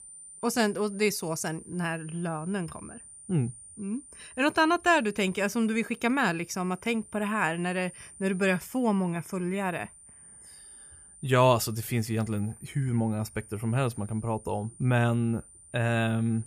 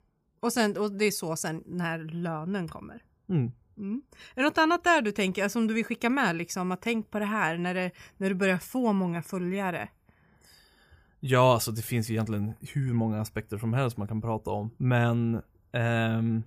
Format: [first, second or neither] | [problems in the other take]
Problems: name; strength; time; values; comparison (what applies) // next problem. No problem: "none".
second | high-pitched whine; noticeable; throughout; 9 kHz, 20 dB below the speech